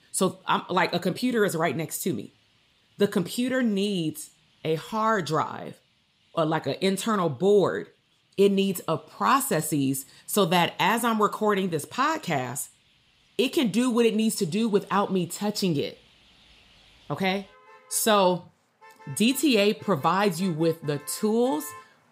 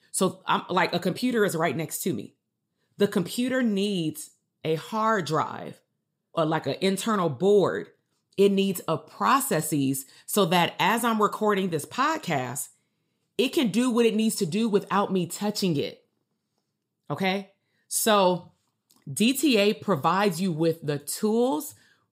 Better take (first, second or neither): second